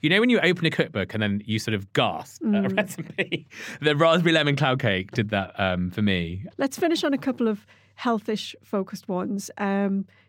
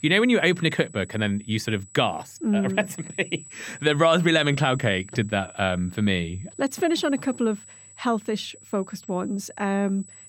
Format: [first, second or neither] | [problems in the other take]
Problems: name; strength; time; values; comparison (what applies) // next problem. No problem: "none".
first | high-pitched whine; noticeable; throughout; 8 kHz, 20 dB below the speech